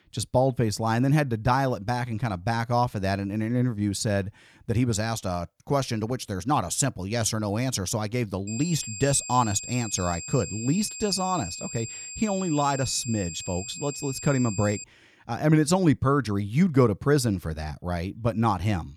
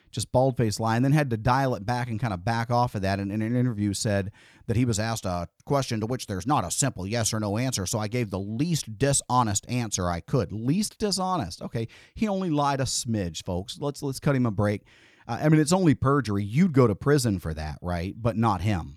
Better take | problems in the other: second | high-pitched whine; loud; from 8.5 to 15 s; 7.5 kHz, 9 dB below the speech

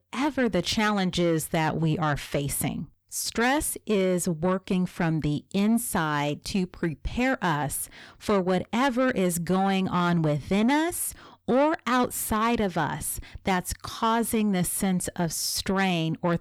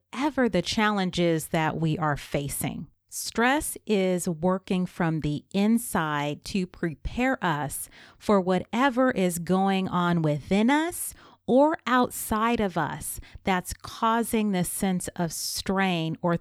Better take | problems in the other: second | distortion; slight; 10 dB below the speech

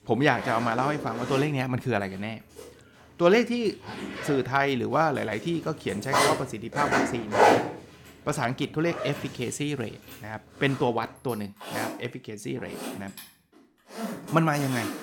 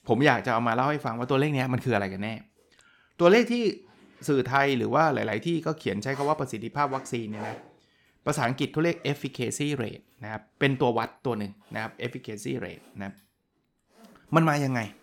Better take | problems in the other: second | household noises; loud; throughout; 1 dB below the speech; faint in the second

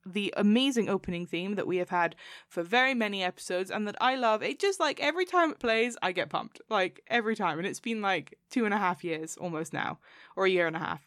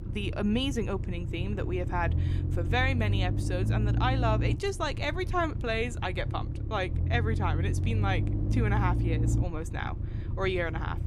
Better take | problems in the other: first | low rumble; noticeable; throughout; 10 dB below the speech

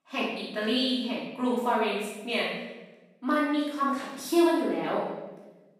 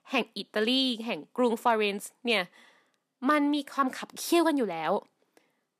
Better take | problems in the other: second | off-mic speech; far // room echo; strong; dies away in 1 s

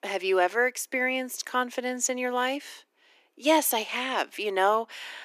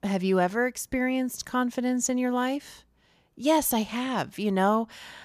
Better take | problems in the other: second | thin; somewhat; fading below 300 Hz

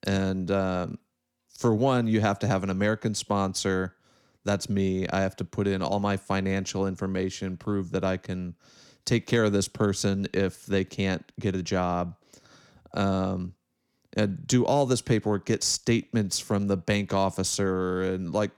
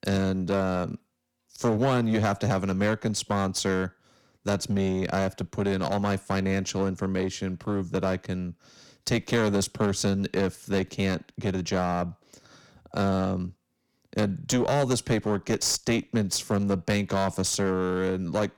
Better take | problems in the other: first | distortion; slight; 8% of the sound clipped

